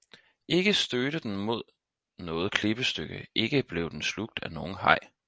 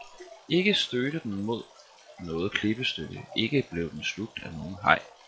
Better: first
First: none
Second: noise reduction (classical method log-MMSE)

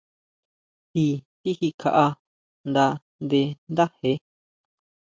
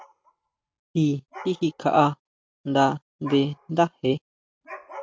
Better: first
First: none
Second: noise reduction (neural mask model RNNoise)

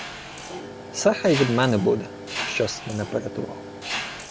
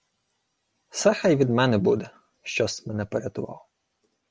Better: second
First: background sound (Mechanisms); 9 dB below the speech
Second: none

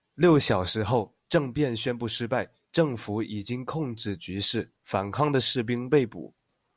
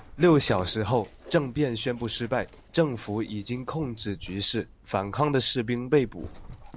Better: first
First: none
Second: background sound (Dog); 19 dB below the speech

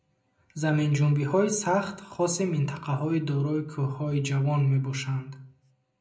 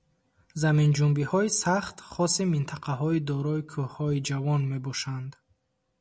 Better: second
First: room echo; dies away in 0.4 s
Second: none

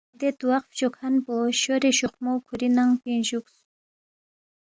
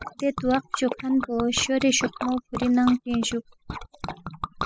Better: first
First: none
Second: noise reduction (classical method spectral subtraction)

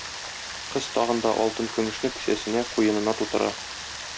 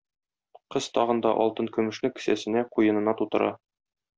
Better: second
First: background sound (Rain); 9 dB below the speech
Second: none

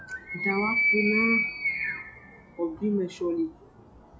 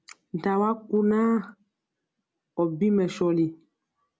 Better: second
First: noise reduction (classical method log-MMSE)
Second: none

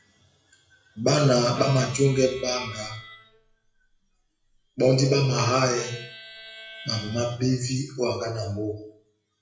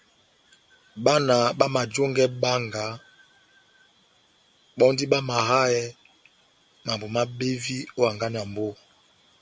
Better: second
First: noise reduction (classical method WPE with log-MMSE)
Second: none

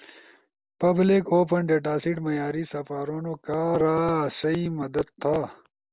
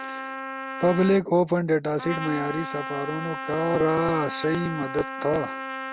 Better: first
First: none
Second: background sound (Trumpet); 8 dB below the speech

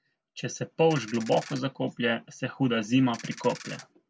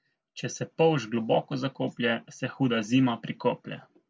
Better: second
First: background sound (Ratchet, pawl); 16 dB below the speech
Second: none

